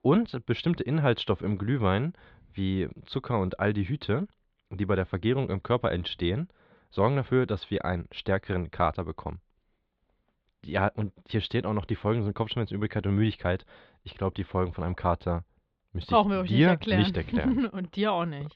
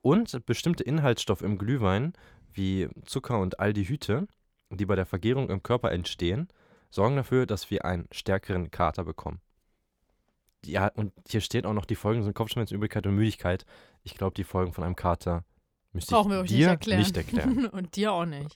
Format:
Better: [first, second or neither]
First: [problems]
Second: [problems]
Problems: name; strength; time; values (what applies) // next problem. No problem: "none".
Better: second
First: muffled; slightly; fading above 4 kHz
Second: none